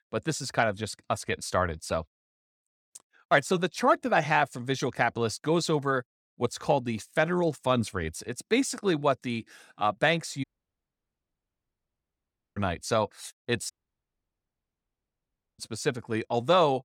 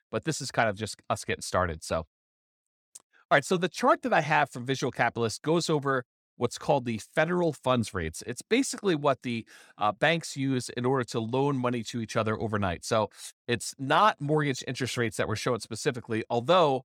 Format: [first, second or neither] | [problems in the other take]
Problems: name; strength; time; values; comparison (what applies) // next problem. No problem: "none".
second | audio cutting out; at 10 s for 2 s and at 14 s for 2 s